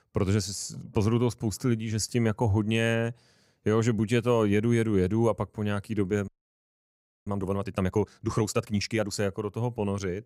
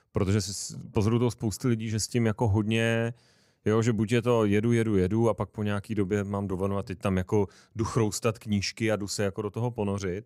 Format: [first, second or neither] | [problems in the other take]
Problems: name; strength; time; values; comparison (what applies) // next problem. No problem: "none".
second | audio freezing; at 6.5 s for 1 s